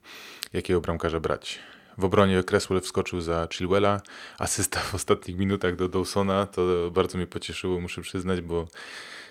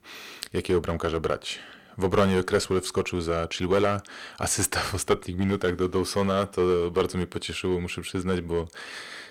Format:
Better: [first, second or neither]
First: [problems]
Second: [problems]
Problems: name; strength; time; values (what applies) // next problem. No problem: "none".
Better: first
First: none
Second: distortion; slight; 3% of the sound clipped